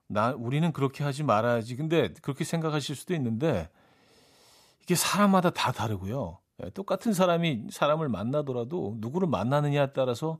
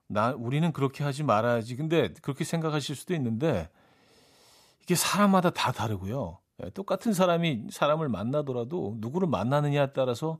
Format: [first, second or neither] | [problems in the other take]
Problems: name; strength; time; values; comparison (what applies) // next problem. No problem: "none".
neither | none